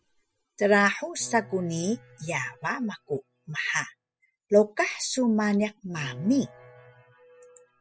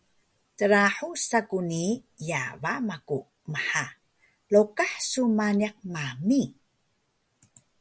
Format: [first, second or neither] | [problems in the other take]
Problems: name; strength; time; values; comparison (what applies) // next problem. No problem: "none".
second | noise reduction (classical method spectral subtraction)